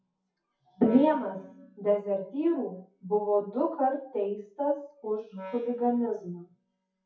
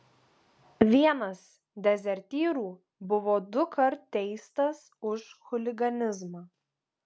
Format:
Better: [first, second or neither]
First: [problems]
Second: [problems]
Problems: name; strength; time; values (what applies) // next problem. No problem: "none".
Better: second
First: noise reduction (classical method WPE with log-MMSE)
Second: none